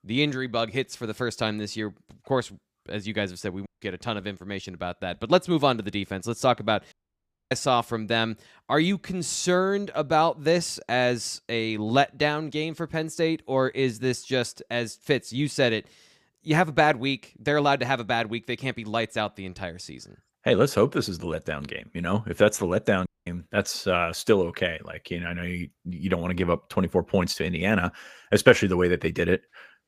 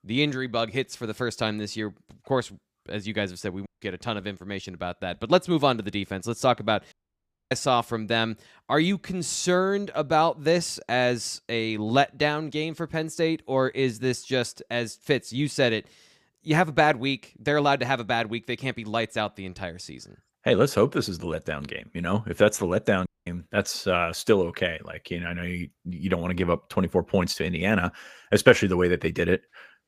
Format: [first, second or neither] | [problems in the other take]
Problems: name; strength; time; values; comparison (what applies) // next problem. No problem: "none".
neither | audio cutting out; at 3.5 s, at 7 s for 0.5 s and at 23 s; the same in both